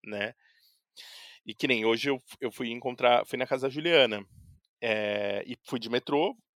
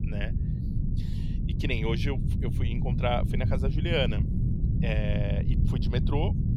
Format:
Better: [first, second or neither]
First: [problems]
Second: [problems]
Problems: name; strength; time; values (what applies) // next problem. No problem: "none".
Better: first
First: none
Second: low rumble; loud; throughout; 7 dB below the speech